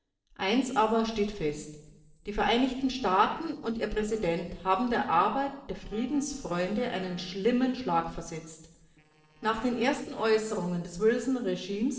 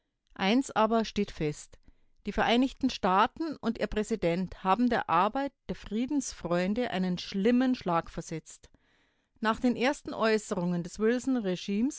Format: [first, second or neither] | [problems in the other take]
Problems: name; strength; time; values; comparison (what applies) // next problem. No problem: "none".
second | noise reduction (neural separator model SepFormer DNS4)